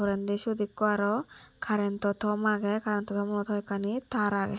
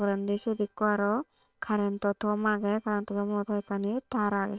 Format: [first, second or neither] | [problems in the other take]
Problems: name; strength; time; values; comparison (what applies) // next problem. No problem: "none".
first | noise reduction (neural separator model SepFormer WHAM!)